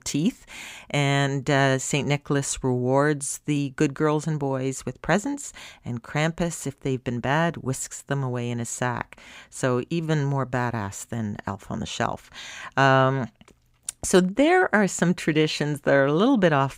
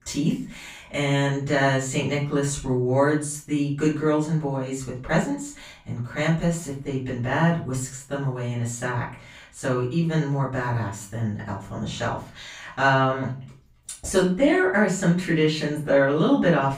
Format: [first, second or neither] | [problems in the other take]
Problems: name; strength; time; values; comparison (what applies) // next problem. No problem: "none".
first | off-mic speech; far // room echo; slight; dies away in 0.3 s